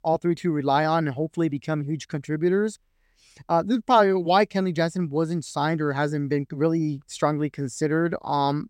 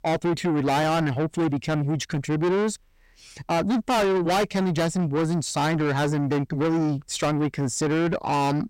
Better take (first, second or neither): first